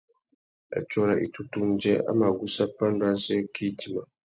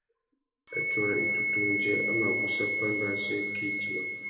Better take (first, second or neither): first